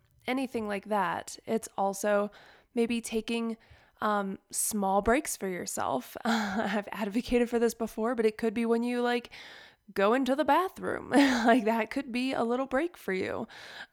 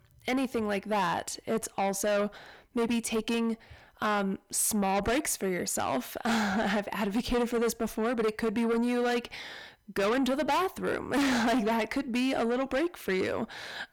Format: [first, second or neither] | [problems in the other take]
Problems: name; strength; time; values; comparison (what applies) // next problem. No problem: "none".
first | distortion; heavy; 6 dB below the speech